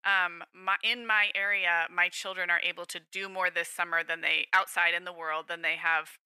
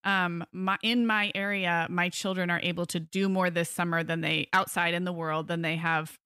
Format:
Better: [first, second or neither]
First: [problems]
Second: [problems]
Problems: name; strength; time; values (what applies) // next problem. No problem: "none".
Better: second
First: thin; very; fading below 650 Hz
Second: none